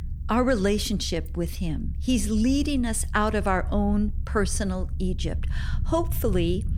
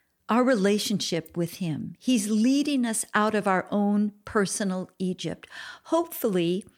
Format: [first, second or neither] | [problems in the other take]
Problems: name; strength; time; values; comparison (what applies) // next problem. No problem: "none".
second | low rumble; faint; throughout; 20 dB below the speech